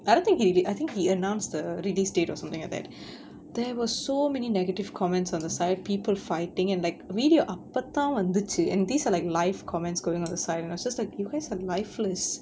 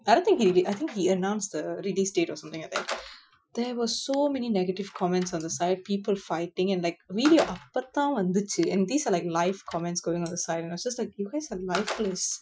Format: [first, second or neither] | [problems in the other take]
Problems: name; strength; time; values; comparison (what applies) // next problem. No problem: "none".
first | noise reduction (classical method Wiener filter)